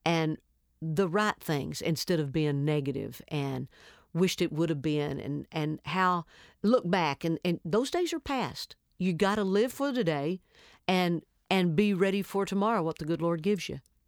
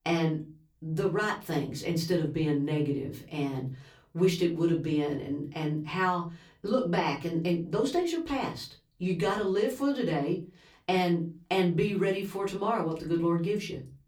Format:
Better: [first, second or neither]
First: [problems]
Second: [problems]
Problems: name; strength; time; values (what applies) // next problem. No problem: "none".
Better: first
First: none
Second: off-mic speech; far // room echo; very slight; dies away in 0.3 s